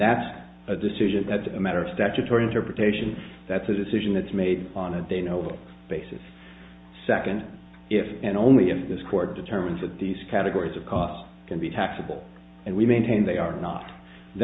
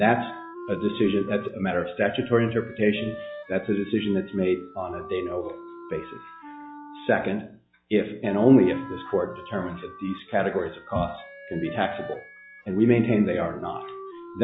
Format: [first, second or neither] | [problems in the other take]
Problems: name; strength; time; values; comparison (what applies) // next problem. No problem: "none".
first | noise reduction (classical method log-MMSE)